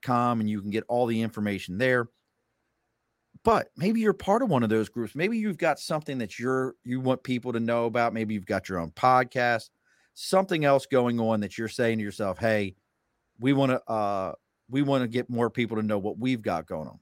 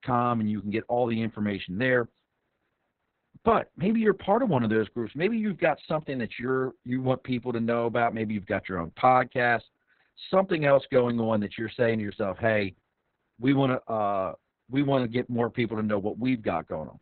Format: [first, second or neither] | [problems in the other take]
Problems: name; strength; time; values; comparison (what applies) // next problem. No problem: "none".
first | garbled, watery; badly; nothing above 4 kHz